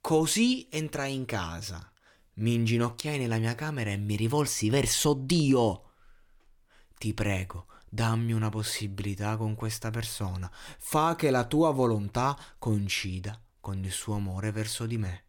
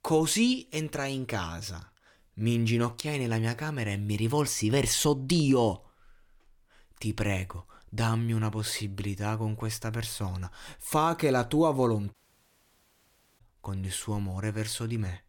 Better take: first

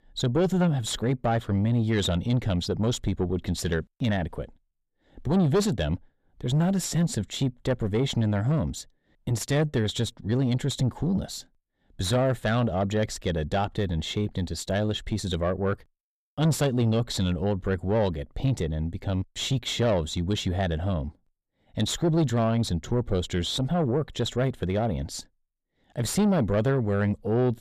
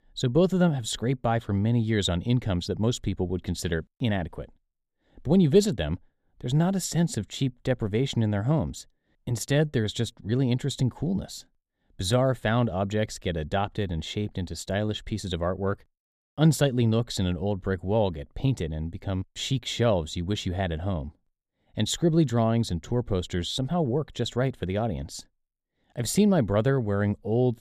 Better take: second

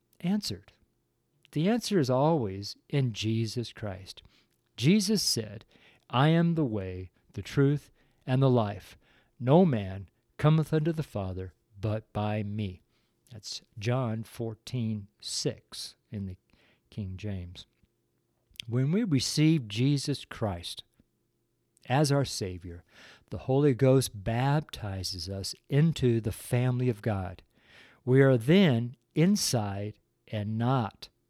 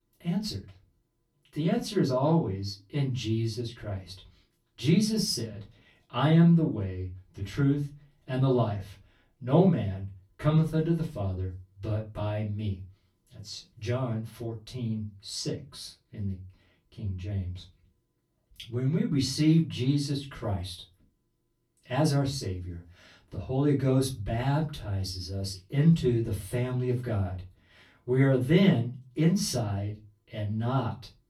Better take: first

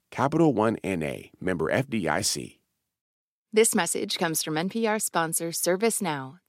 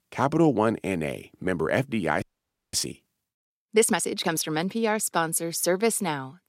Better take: first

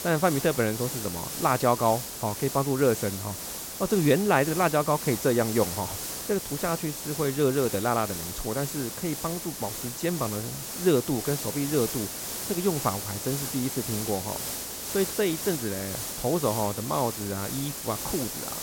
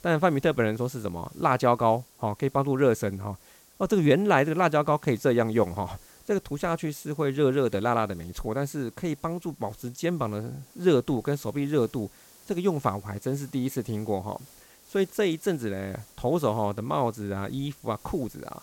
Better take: second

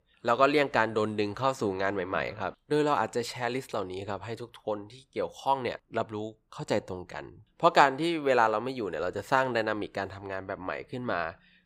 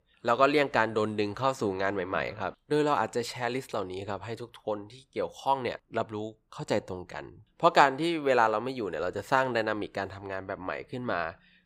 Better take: neither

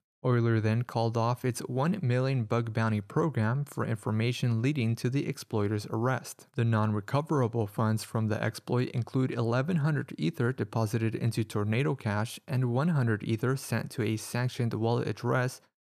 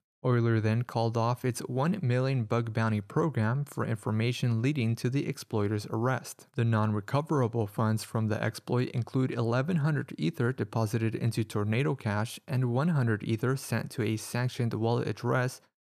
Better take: neither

